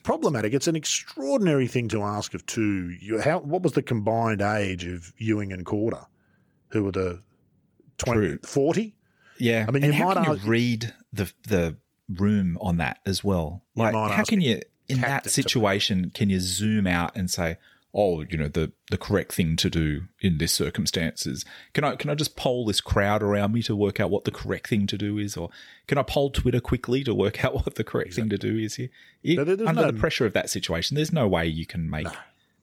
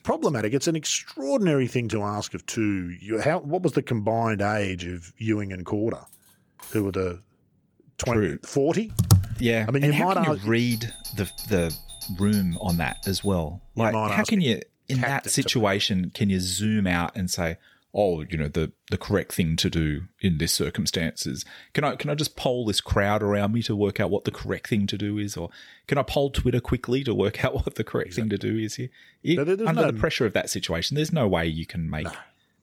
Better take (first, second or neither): first